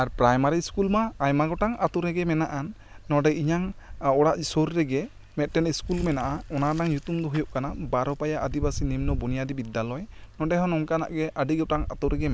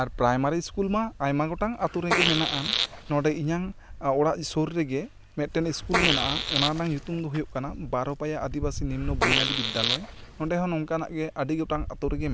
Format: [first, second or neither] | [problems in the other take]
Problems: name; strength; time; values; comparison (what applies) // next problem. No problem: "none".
first | background sound (Fart); as loud as the speech